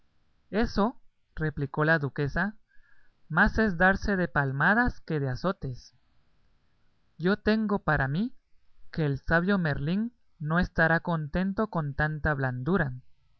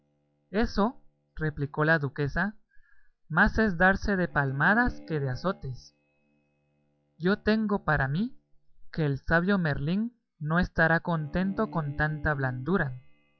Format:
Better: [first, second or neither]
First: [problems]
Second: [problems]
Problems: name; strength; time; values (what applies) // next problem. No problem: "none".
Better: first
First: none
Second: noise reduction (classical method log-MMSE)